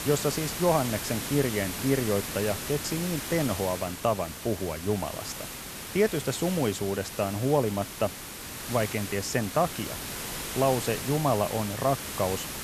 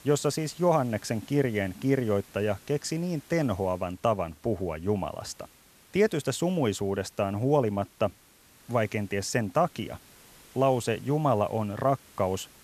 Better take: second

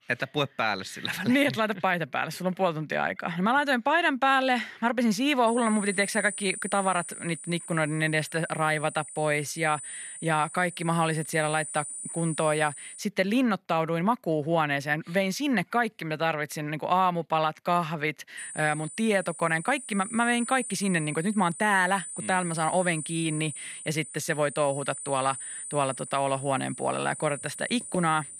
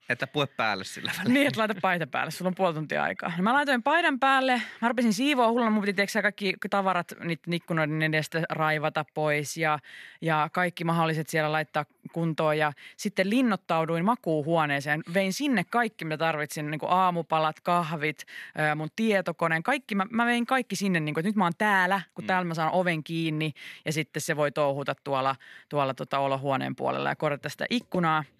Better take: second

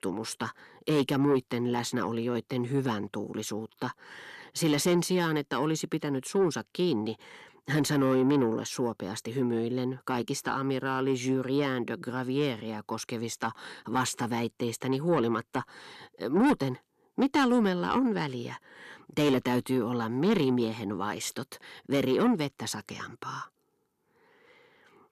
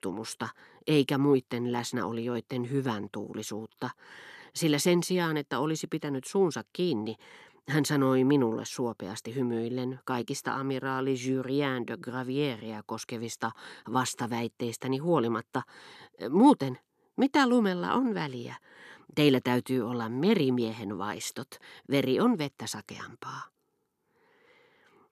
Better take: second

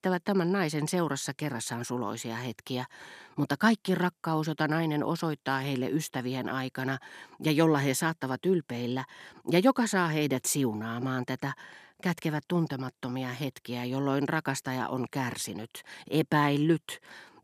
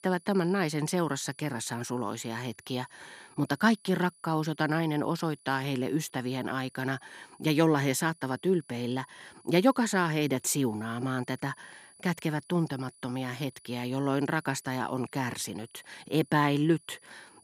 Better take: first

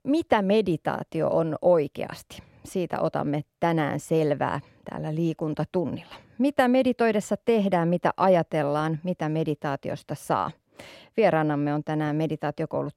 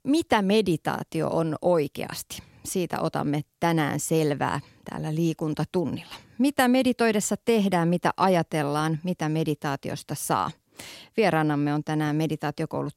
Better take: second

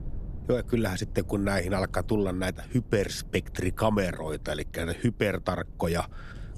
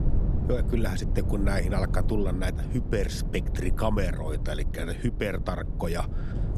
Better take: first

